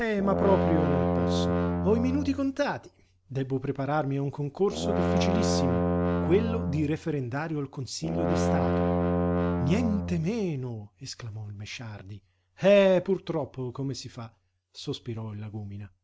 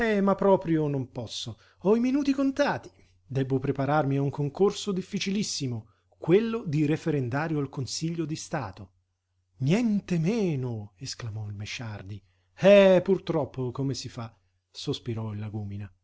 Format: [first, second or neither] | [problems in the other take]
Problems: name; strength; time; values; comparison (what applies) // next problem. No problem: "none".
second | background sound (Brass instrument); 1 dB above the speech